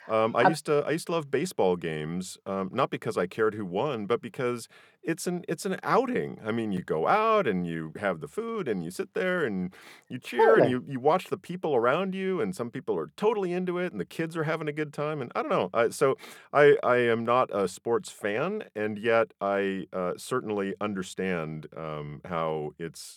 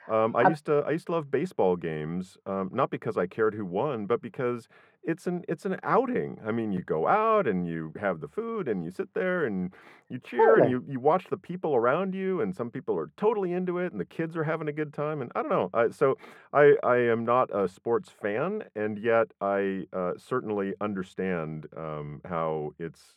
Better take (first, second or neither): first